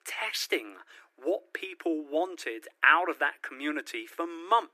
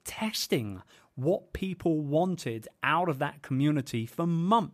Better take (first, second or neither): second